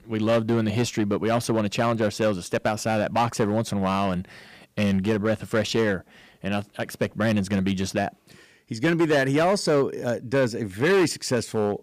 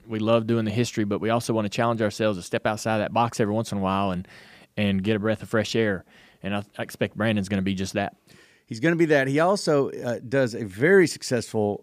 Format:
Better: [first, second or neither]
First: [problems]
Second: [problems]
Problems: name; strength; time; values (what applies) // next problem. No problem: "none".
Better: second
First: distortion; slight; 6% of the sound clipped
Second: none